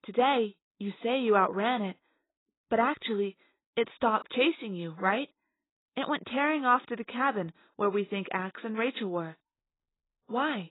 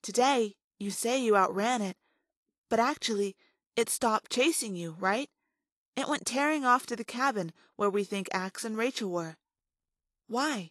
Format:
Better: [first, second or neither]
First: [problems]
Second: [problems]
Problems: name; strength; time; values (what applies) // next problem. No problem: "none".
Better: second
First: garbled, watery; badly; nothing above 4 kHz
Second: garbled, watery; slightly; nothing above 11.5 kHz